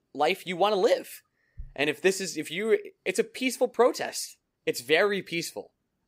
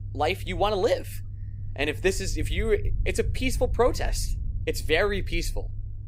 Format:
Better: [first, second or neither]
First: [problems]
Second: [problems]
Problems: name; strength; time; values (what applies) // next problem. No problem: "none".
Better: first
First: none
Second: low rumble; faint; throughout; 25 dB below the speech